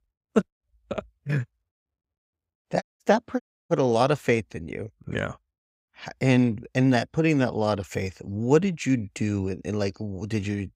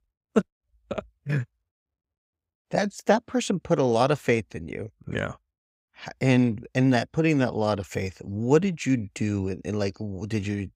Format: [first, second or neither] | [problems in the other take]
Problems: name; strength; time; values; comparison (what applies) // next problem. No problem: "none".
second | audio cutting out; at 3 s and at 3.5 s